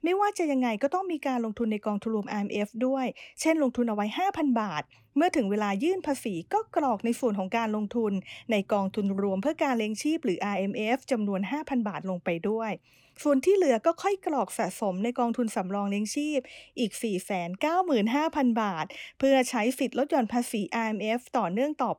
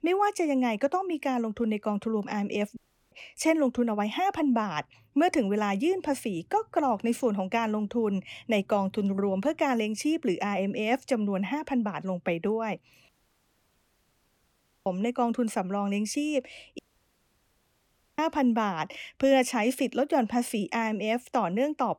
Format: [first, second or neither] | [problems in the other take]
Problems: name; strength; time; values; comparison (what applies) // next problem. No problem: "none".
first | audio cutting out; at 3 s, at 13 s for 2 s and at 17 s for 1.5 s